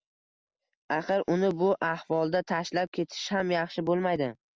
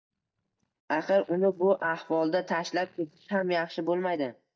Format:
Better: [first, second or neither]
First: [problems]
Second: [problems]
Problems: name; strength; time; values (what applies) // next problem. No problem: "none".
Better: first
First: none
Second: noise reduction (neural mask model DeepFilterNet 3)